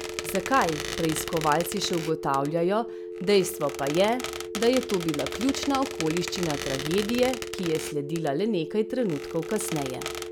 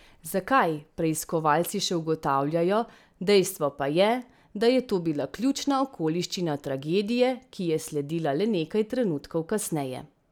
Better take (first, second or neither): second